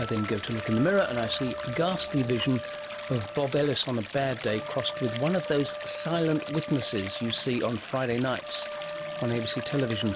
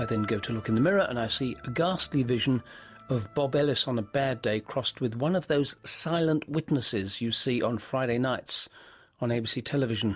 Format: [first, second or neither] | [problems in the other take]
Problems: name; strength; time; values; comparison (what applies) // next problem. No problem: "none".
second | background sound (Wind instrument, woodwind instrument + Stream); 8 dB below the speech